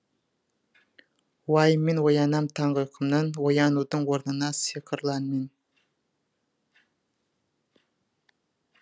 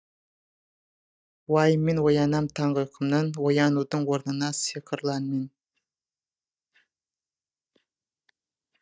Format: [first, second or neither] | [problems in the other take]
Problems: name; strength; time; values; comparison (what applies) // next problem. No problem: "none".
first | noise reduction (neural mask model DeepFilterNet 3)